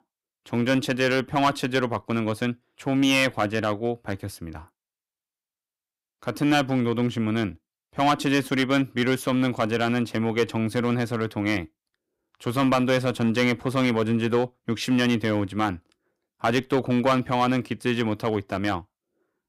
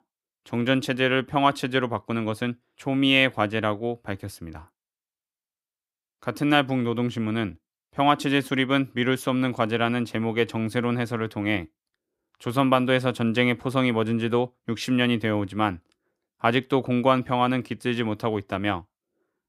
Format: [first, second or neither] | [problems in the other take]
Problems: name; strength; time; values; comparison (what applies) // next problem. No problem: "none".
second | distortion; slight; 3% of the sound clipped